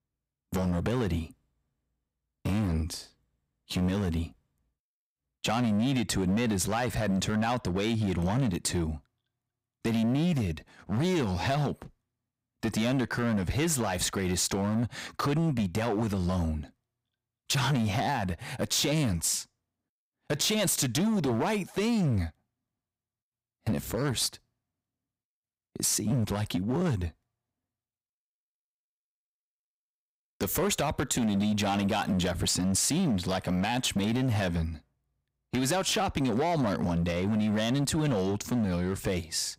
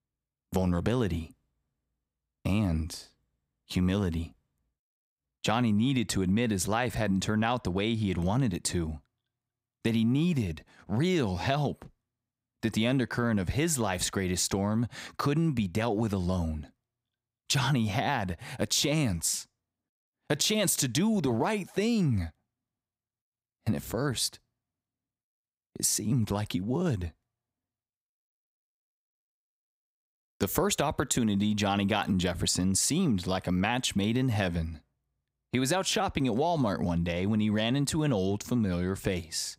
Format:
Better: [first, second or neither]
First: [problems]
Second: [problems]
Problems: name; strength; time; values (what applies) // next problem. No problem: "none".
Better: second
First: distortion; slight; 12% of the sound clipped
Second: none